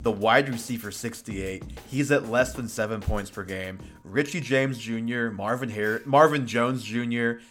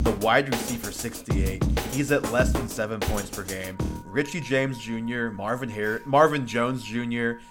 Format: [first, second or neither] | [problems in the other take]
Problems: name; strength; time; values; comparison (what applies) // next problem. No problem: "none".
first | background music; loud; throughout; 4 dB below the speech; faint in the first